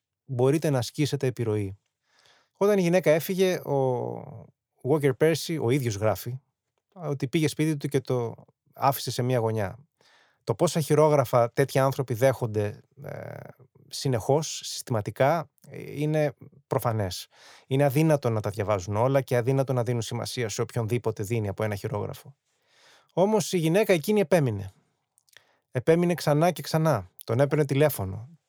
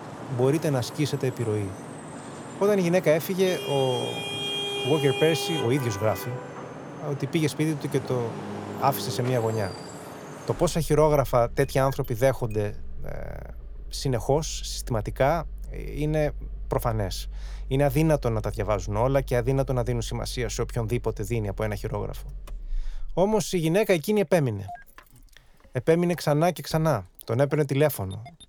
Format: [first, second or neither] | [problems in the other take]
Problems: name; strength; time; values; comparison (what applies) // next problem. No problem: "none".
first | traffic noise; noticeable; throughout; 10 dB below the speech